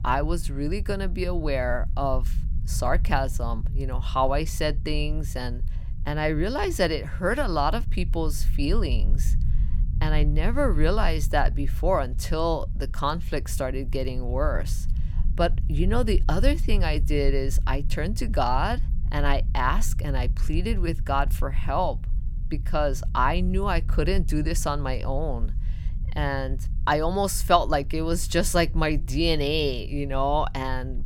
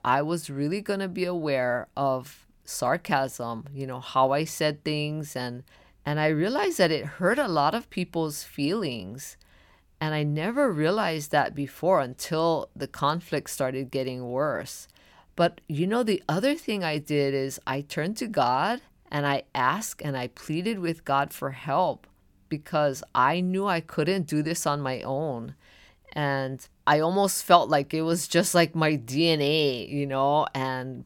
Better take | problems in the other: second | low rumble; faint; throughout; 20 dB below the speech

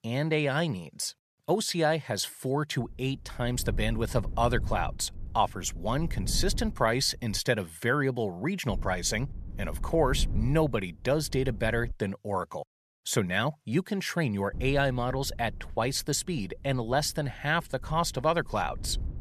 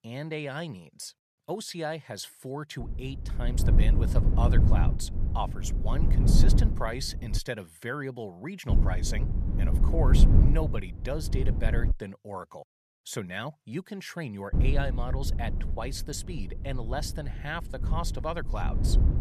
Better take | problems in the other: first | low rumble; loud; from 3 to 7.5 s, from 8.5 to 12 s and from 15 s on; 5 dB below the speech; faint in the first

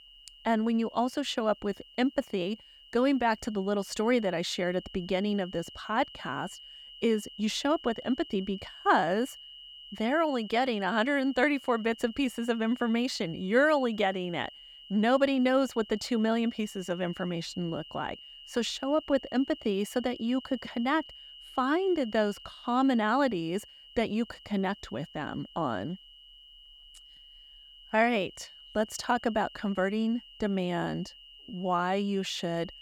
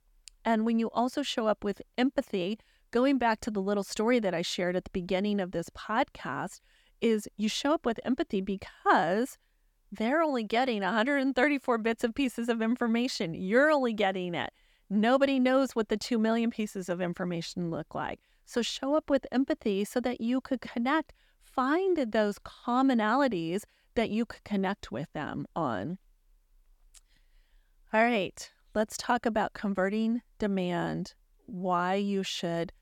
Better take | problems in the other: second | high-pitched whine; noticeable; throughout; 3 kHz, 20 dB below the speech

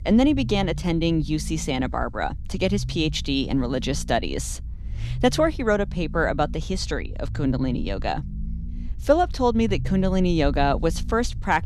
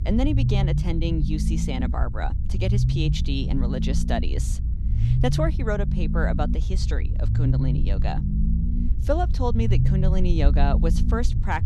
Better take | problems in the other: first | low rumble; loud; throughout; 7 dB below the speech; faint in the first

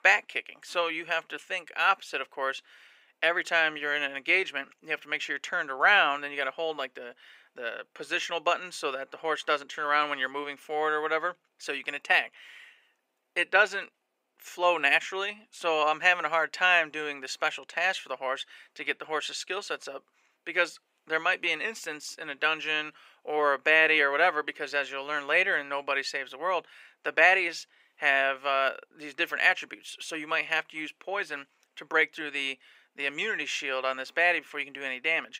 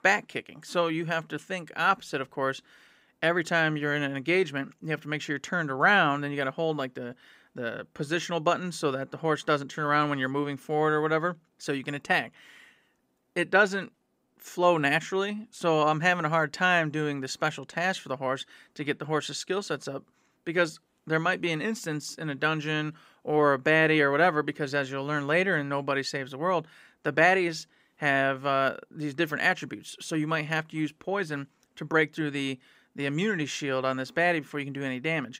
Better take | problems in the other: second | thin; very; fading below 550 Hz

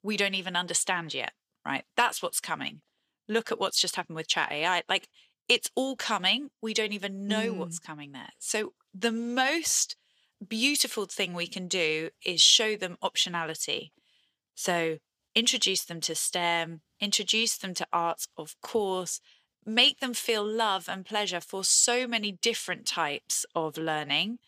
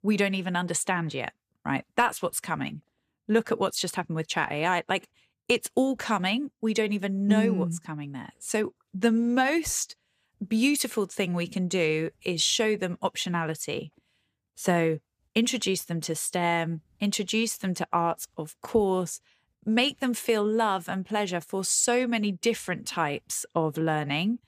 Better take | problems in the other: second | thin; very slightly; fading below 450 Hz

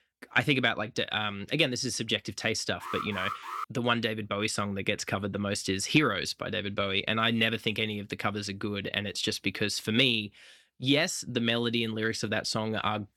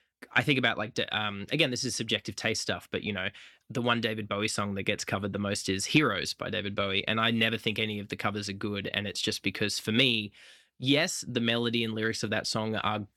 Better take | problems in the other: second | alarm; noticeable; at 3 s; peak 7 dB below the speech

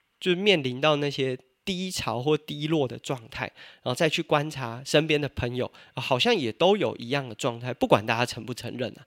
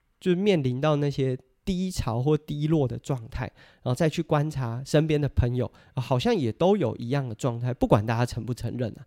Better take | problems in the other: second | thin; very slightly; fading below 400 Hz

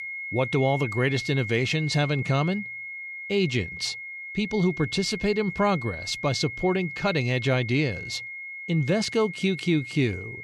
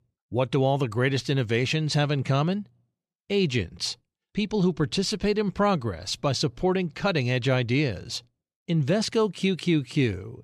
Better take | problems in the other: second | high-pitched whine; loud; throughout; 2 kHz, 8 dB below the speech

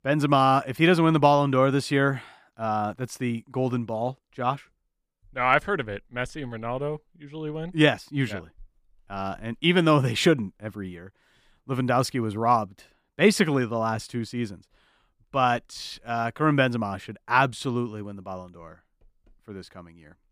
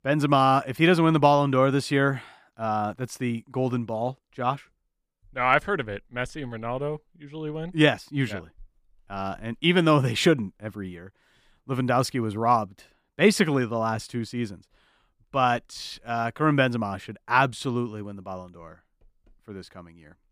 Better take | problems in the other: neither | none

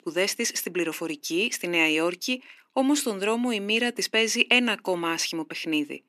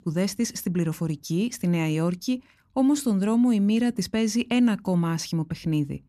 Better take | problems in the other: second | thin; somewhat; fading below 350 Hz

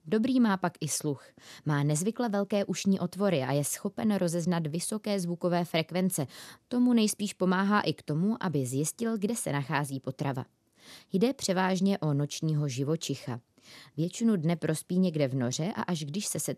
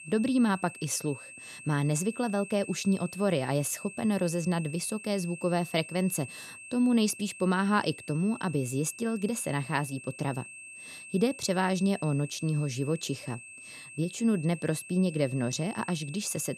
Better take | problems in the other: first | high-pitched whine; noticeable; throughout; 2.5 kHz, 15 dB below the speech

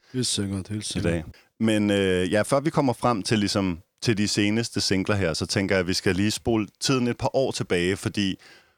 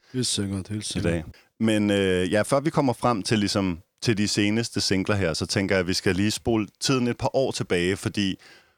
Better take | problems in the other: neither | none

